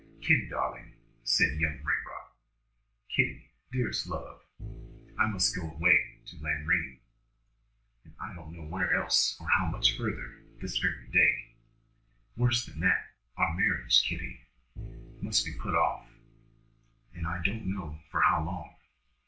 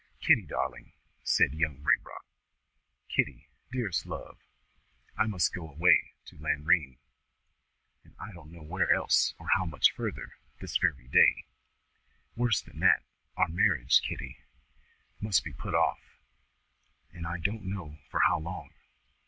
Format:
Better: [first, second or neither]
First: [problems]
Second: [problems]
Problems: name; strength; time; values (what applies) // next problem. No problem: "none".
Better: second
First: noise reduction (neural separator model SepFormer DNS4)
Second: none